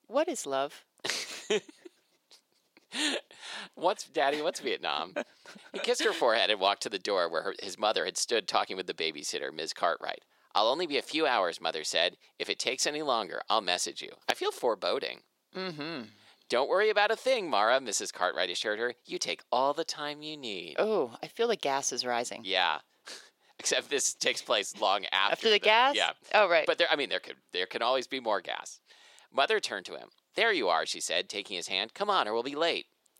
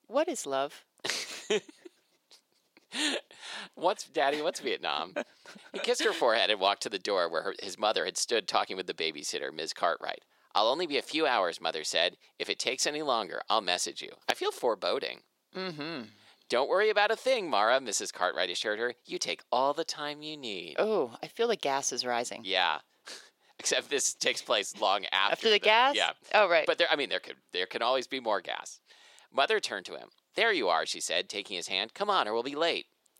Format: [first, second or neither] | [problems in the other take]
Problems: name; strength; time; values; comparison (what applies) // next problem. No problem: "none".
neither | thin; somewhat; fading below 500 Hz; the same in both